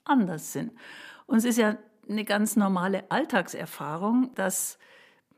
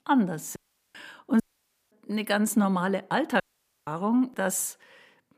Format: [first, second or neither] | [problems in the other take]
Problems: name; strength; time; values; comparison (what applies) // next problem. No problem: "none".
first | audio cutting out; at 0.5 s, at 1.5 s for 0.5 s and at 3.5 s